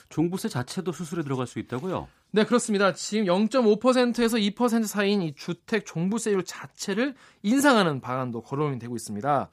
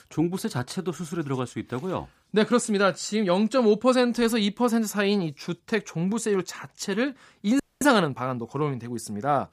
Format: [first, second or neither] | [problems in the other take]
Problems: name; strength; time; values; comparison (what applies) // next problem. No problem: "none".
first | audio freezing; at 7.5 s